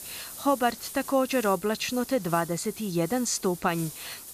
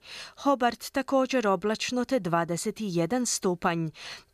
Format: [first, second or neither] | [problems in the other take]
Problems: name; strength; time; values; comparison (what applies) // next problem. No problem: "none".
second | hiss; noticeable; throughout; 10 dB below the speech